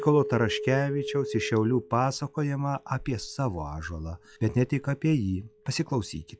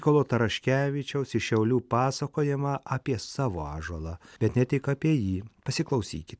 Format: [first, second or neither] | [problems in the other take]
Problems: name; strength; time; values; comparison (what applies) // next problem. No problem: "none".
second | noise reduction (classical method log-MMSE)